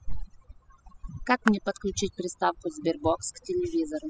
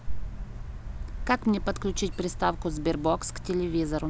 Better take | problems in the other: second | noise reduction (classical method spectral subtraction)

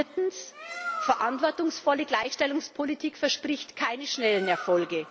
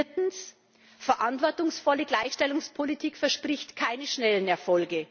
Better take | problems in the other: second | background sound (Bird); 12 dB below the speech

